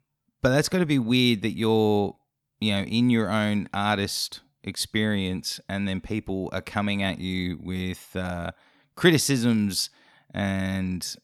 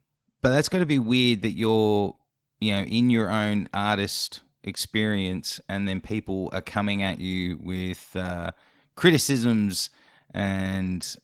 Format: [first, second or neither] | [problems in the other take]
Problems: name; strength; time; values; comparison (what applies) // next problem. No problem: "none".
first | garbled, watery; slightly